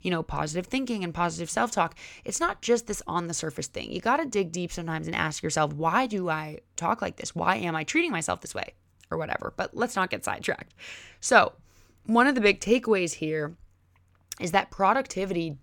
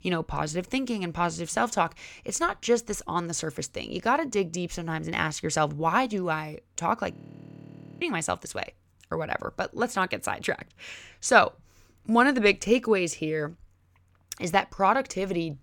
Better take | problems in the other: first | audio freezing; at 7 s for 1 s

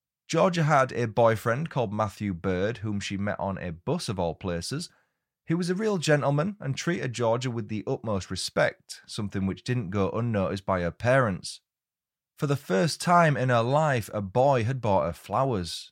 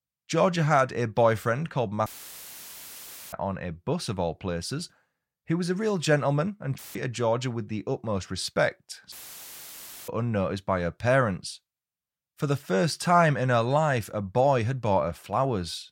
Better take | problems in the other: first | audio cutting out; filled with static; at 2 s for 1.5 s, at 7 s and at 9 s for 1 s

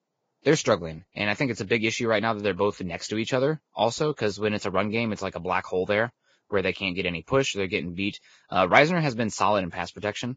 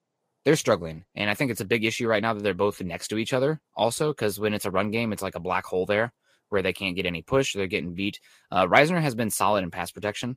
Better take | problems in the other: second | garbled, watery; badly; nothing above 7.5 kHz; slightly in the second

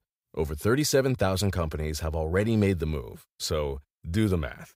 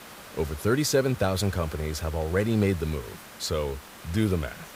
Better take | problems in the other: first | hiss; noticeable; throughout; 15 dB below the speech

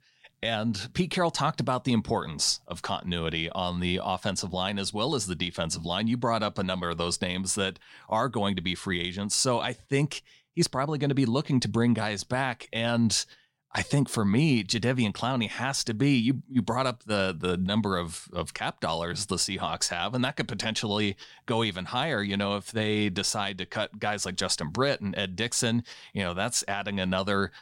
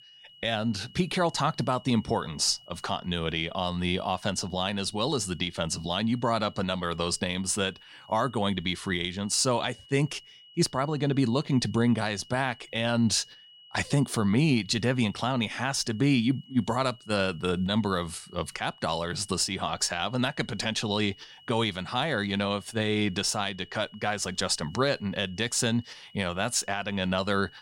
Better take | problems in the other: first | high-pitched whine; faint; throughout; 3 kHz, 25 dB below the speech

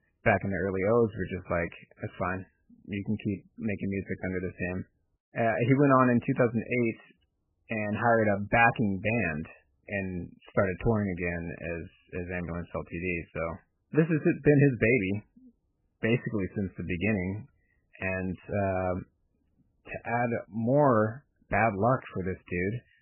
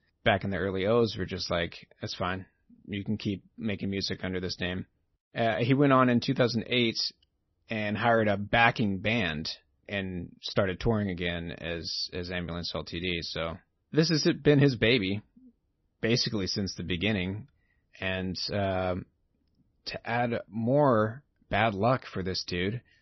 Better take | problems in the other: second | garbled, watery; badly; nothing above 2.5 kHz; slightly in the second

